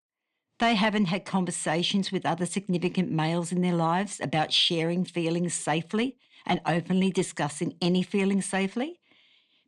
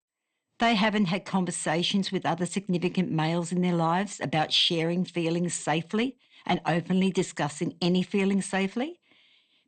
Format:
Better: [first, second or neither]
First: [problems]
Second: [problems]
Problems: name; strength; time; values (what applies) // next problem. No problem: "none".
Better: first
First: none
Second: garbled, watery; slightly; nothing above 8.5 kHz